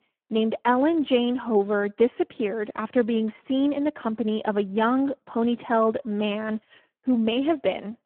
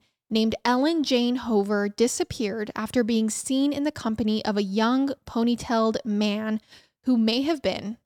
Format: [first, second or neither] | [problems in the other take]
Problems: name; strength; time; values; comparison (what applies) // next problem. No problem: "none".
second | phone-call audio; poor line